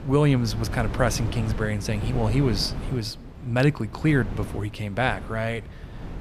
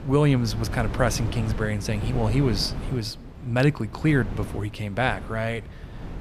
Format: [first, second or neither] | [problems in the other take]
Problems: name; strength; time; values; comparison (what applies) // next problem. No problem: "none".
neither | wind noise on the microphone; occasional gusts; 15 dB below the speech; the same in both